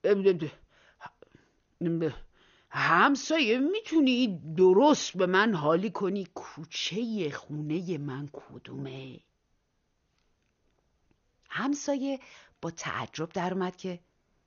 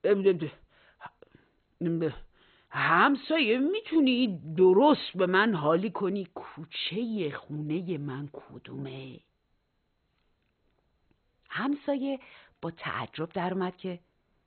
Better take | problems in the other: first | garbled, watery; badly; nothing above 4 kHz; slightly in the first

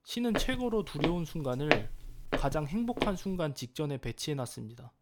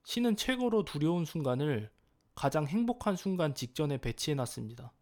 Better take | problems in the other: second | footsteps; loud; until 3 s; peak 5 dB above the speech

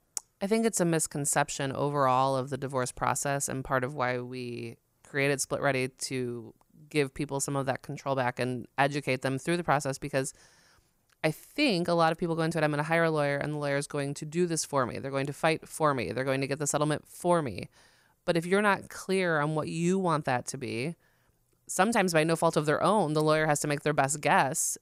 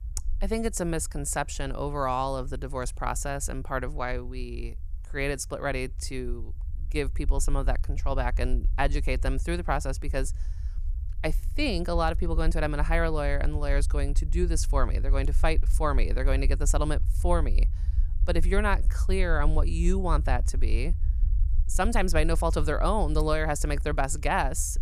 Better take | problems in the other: first | low rumble; faint; throughout; 20 dB below the speech

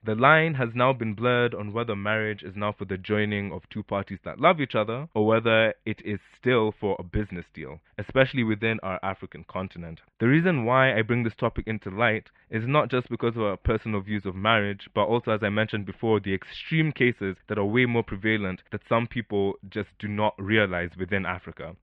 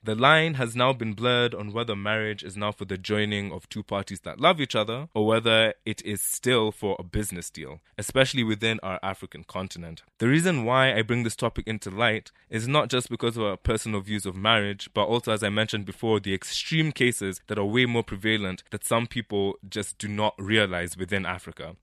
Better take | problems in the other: second | muffled; very; fading above 2.5 kHz

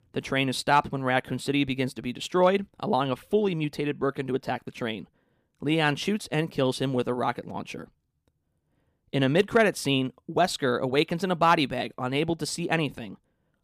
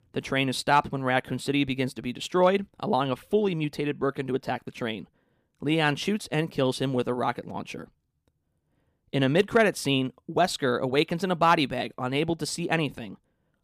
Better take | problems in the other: neither | none

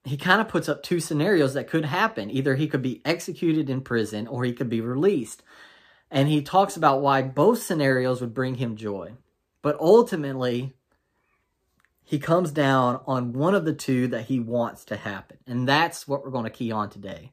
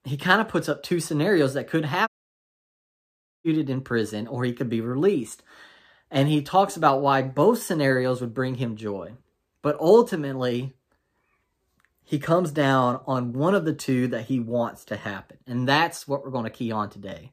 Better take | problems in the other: first | audio cutting out; at 2 s for 1.5 s

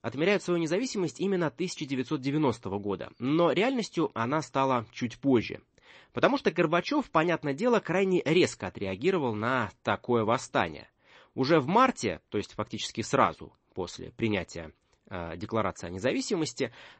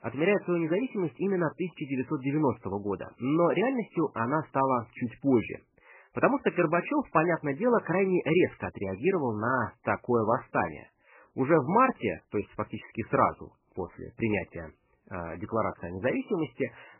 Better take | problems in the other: first | garbled, watery; badly; nothing above 3 kHz; slightly in the first

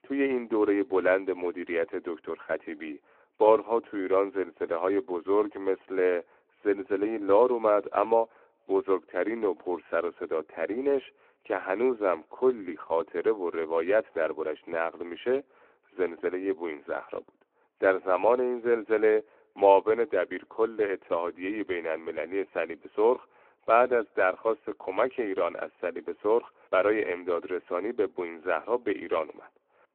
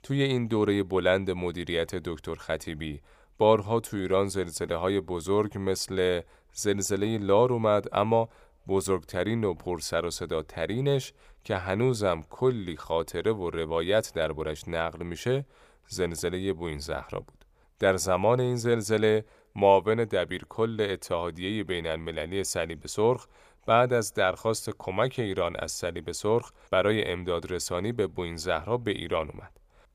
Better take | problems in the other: second | phone-call audio

